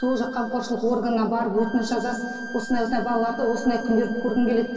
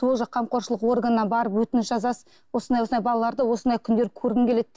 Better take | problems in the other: second | background sound (Bowed string instrument); 16 dB below the speech // room echo; dies away in 2.3 s

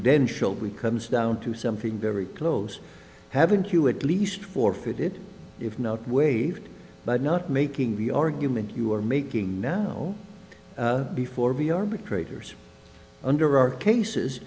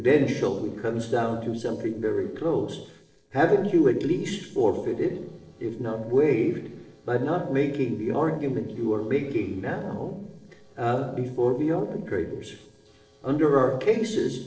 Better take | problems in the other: first | noise reduction (neural separator model SepFormer DNS4)

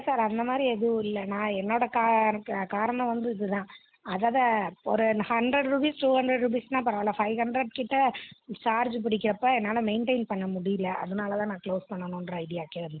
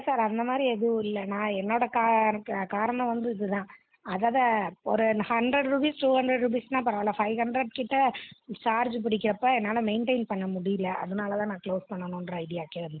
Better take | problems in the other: first | noise reduction (neural mask model Resemble Enhance denoiser)

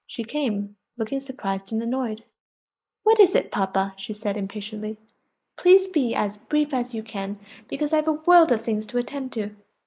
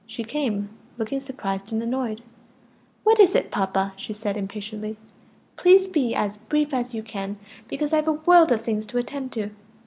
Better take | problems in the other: second | noise reduction (neural mask model Resemble Enhance denoiser)

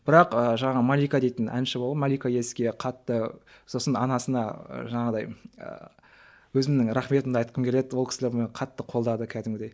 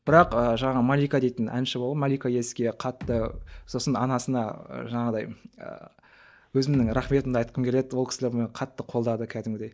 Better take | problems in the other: first | noise reduction (neural mask model DeepFilterNet 3)

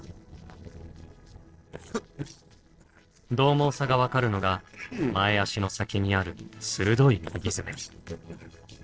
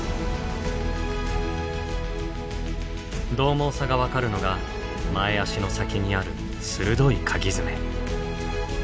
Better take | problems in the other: second | noise reduction (neural separator model SepFormer DNS4)

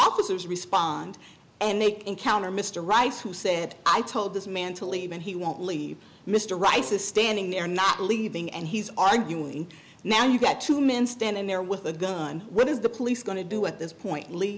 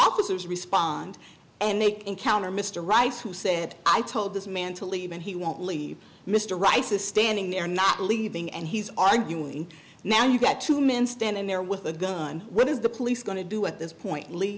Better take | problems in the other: second | background sound (Wind instrument, woodwind instrument); 17 dB below the speech

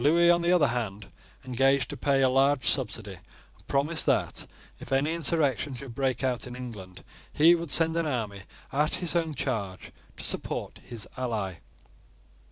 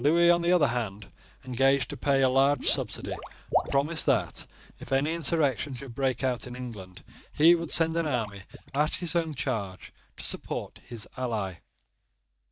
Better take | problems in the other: first | noise reduction (neural mask model DeepFilterNet 3)

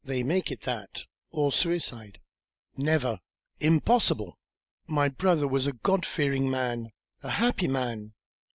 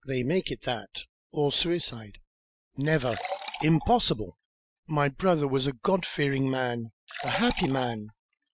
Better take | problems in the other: first | noise reduction (classical method Wiener filter)

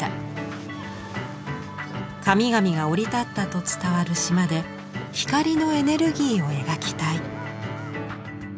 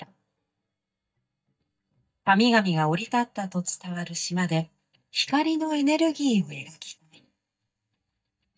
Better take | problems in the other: first | noise reduction (neural mask model DeepFilterNet 3)

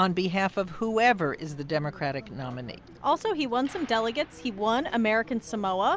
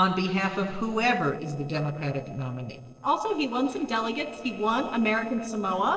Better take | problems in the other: first | noise reduction (neural separator model SepFormer DNS4)

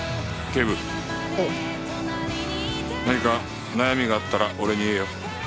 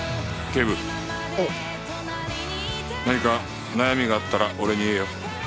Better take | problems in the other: second | background sound (Bowed string instrument); 10 dB below the speech

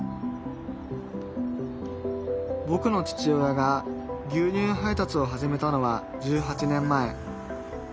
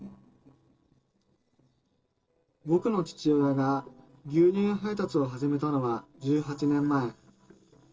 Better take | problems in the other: first | noise reduction (neural separator model SepFormer DNS4)

